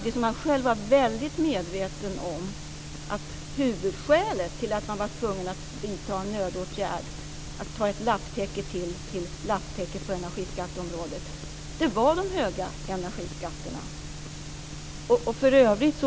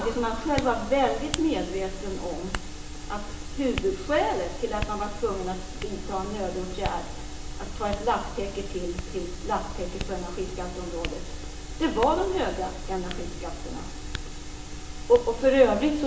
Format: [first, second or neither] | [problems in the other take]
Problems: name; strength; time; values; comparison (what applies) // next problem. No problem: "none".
first | background sound (Hands); 15 dB below the speech // room echo; dies away in 0.9 s